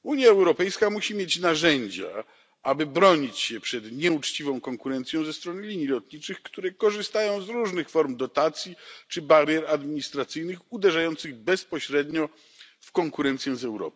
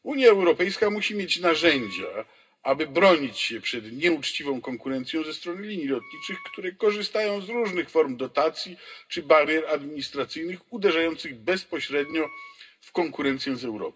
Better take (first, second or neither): first